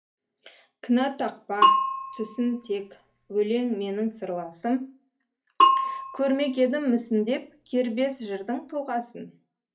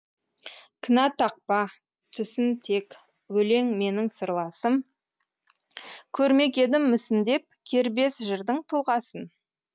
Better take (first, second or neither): second